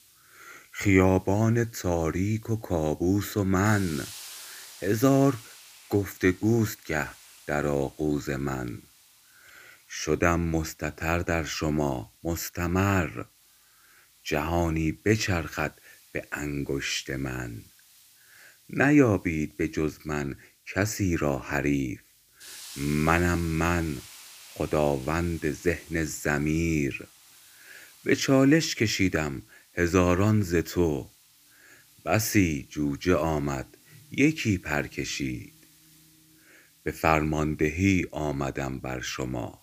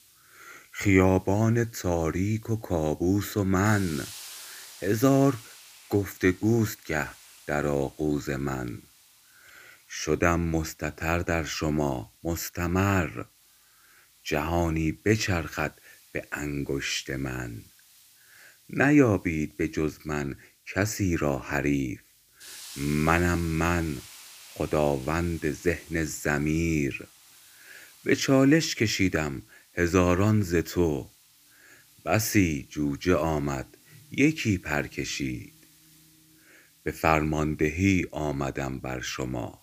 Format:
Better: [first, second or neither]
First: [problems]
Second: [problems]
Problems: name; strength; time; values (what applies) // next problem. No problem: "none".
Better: neither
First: hiss; faint; throughout; 25 dB below the speech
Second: hiss; faint; throughout; 25 dB below the speech